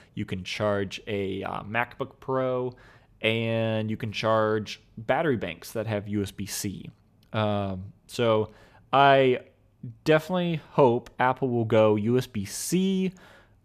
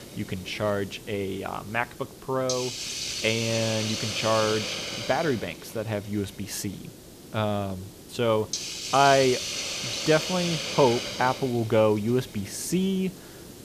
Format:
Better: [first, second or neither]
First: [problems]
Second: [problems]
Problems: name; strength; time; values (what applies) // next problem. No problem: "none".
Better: first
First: none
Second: hiss; loud; throughout; 4 dB below the speech